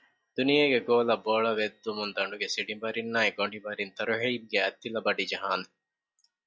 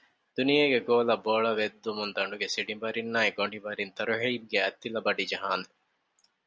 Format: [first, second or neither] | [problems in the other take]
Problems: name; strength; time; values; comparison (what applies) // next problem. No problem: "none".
second | noise reduction (classical method log-MMSE)